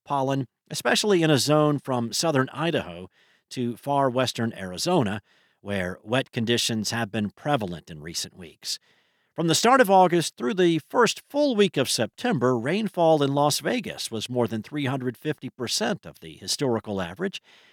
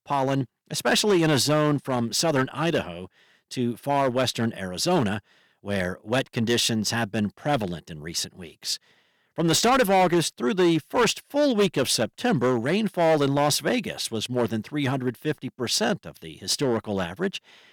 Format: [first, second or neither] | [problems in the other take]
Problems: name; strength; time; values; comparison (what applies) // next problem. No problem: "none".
first | distortion; slight; 5% of the sound clipped